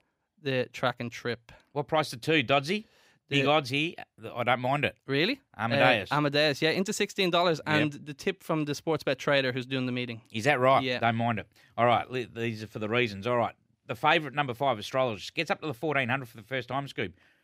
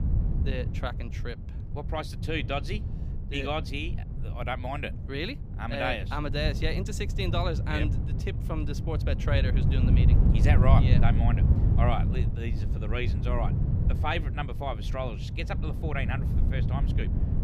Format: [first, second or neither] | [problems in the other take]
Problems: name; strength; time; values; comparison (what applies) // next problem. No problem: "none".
first | wind noise on the microphone; heavy; 7 dB below the speech